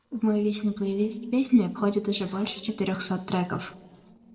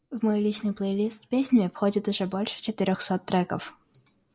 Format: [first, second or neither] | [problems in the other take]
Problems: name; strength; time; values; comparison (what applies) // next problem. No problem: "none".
second | noise reduction (neural separator model SepFormer DNS4)